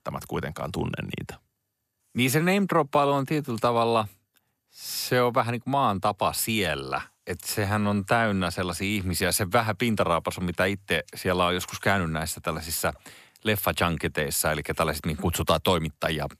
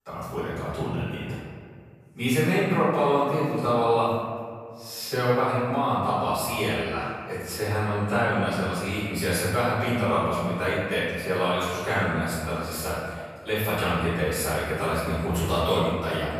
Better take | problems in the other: first | off-mic speech; far // room echo; strong; dies away in 1.7 s

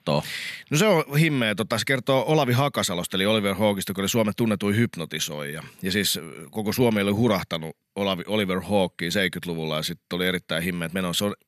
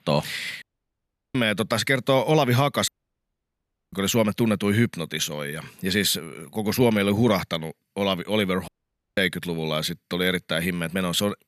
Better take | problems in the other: first | audio cutting out; at 0.5 s for 0.5 s, at 3 s for 1 s and at 8.5 s

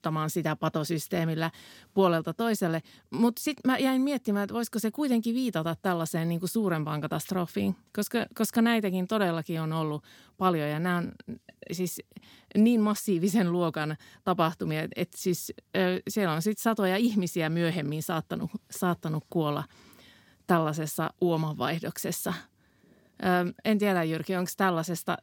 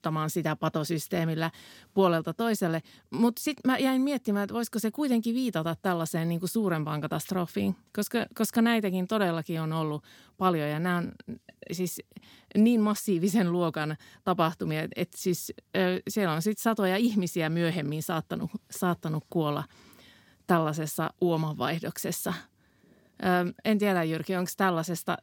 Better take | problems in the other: neither | none

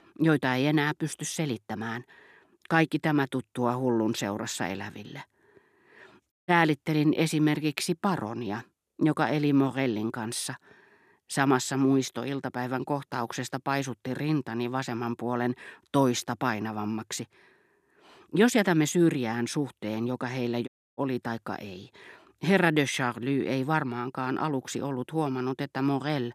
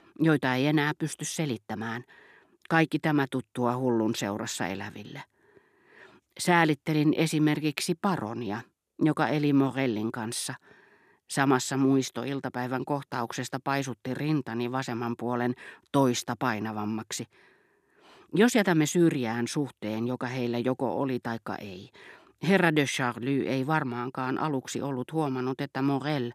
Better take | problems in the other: second | audio cutting out; at 6.5 s and at 21 s

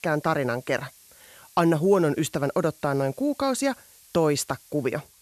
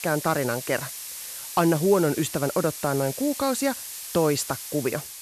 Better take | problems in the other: first | hiss; loud; throughout; 9 dB below the speech; faint in the first

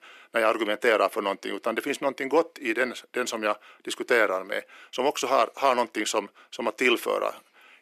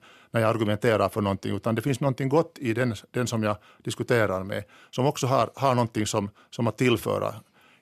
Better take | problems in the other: second | thin; somewhat; fading below 300 Hz

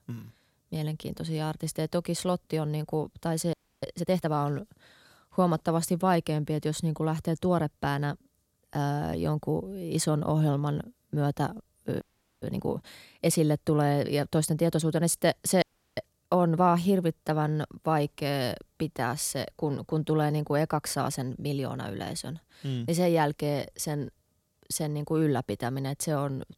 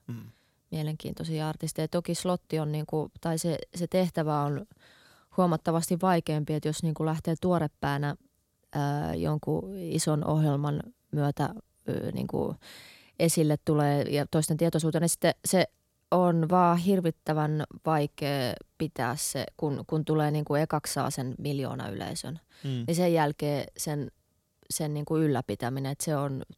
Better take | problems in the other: second | audio freezing; at 3.5 s, at 12 s and at 16 s

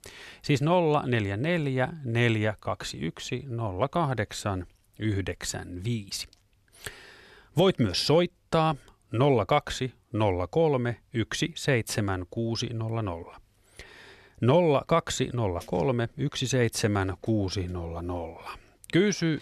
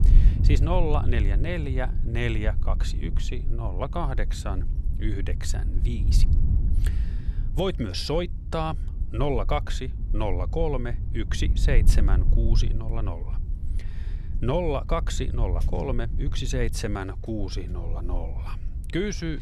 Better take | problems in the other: first | wind noise on the microphone; occasional gusts; 15 dB below the speech

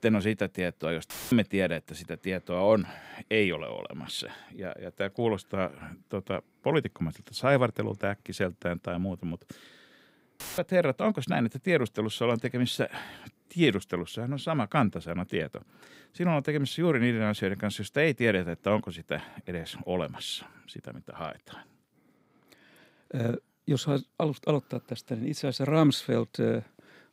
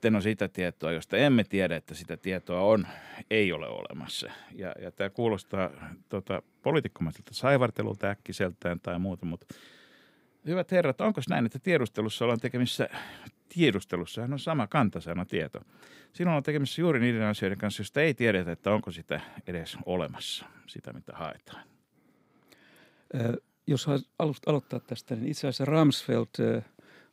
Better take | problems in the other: second | audio cutting out; filled with static; at 1 s and at 10 s

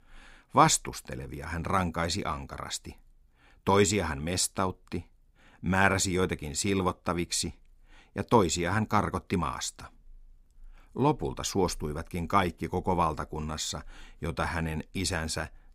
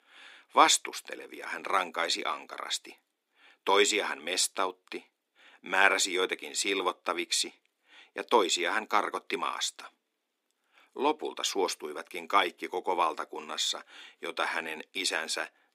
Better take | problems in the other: first | thin; very; fading below 300 Hz

